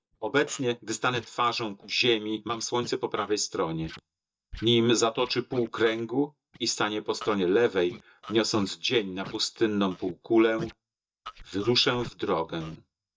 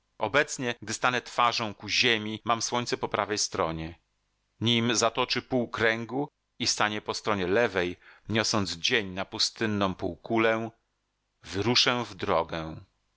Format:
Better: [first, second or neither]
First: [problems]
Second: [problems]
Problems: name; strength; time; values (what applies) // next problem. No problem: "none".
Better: second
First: noise reduction (neural mask model DeepFilterNet 3)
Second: none